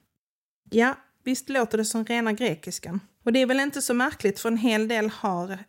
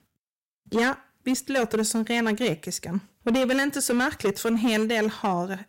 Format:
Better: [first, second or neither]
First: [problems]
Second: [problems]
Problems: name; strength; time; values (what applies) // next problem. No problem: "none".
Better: first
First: none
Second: distortion; slight; 10% of the sound clipped